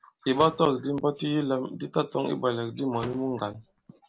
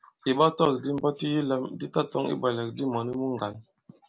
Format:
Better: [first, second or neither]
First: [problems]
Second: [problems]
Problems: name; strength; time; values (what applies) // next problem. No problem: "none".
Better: second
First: background sound (Slam / Microwave oven); 17 dB below the speech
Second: none